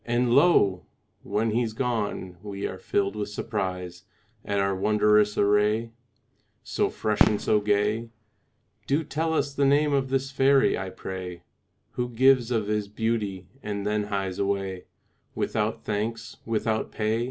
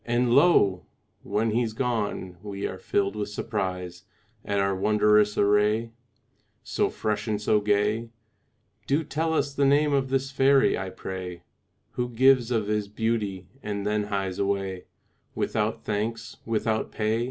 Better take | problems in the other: second | background sound (Fireworks); 5 dB below the speech

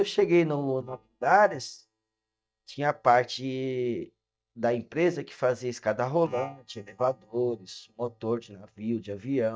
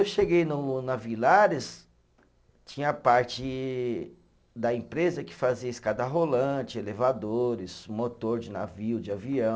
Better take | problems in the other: second | noise reduction (neural mask model DeepFilterNet 3)

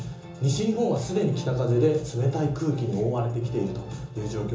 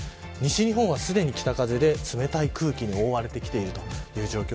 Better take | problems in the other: second | room echo; dies away in 0.6 s

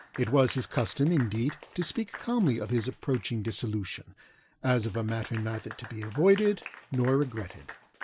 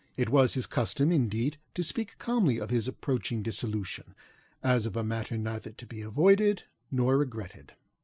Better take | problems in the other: second | background sound (Applause / Clapping); 18 dB below the speech

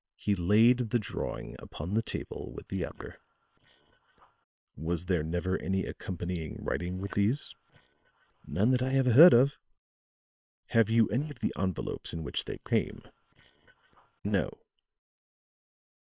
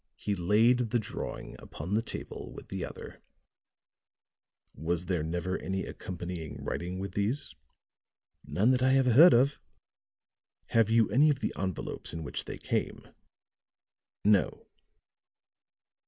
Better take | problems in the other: second | noise reduction (neural separator model SepFormer WHAM!)

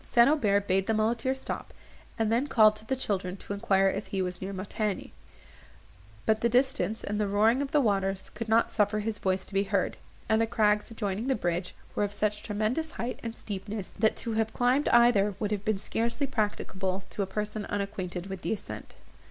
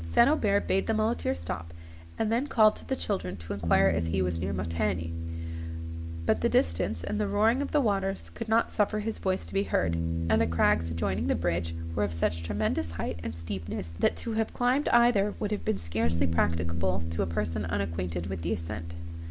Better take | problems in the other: first | background sound (Bass guitar); 6 dB below the speech

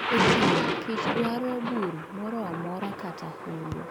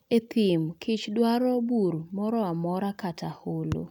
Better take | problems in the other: second | background sound (Thunder); 3 dB above the speech

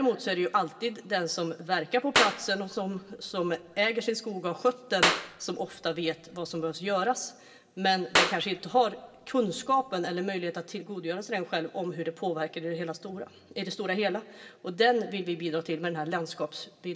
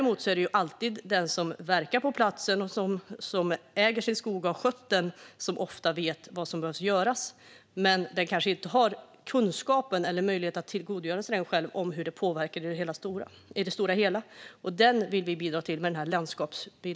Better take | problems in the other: second | background sound (Clapping); 2 dB below the speech // room echo; dies away in 0.6 s

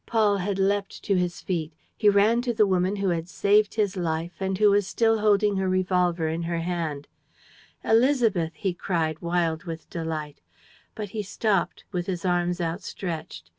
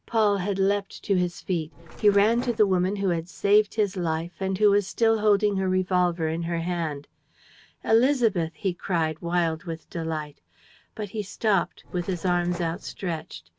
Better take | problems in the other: first | background sound (Mechanisms); 16 dB below the speech

